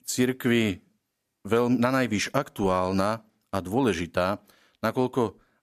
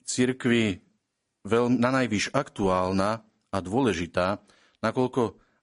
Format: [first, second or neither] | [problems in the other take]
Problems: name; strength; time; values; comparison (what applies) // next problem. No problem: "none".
first | garbled, watery; slightly; nothing above 10.5 kHz